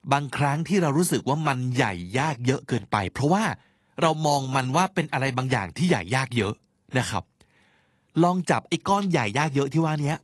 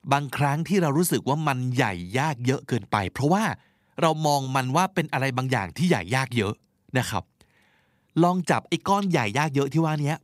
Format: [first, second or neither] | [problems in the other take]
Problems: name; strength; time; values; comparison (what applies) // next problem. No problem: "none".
second | garbled, watery; slightly; nothing above 11.5 kHz